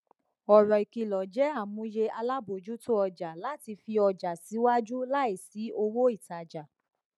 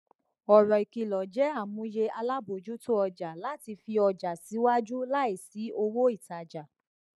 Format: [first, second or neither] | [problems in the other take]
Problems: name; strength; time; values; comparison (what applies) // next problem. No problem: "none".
first | noise reduction (neural mask model Resemble Enhance denoiser)